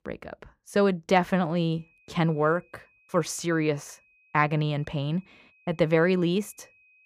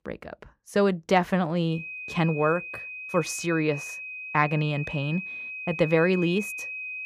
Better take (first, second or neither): first